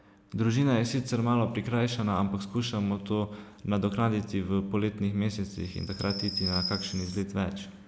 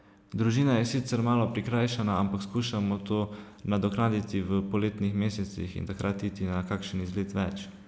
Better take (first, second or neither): second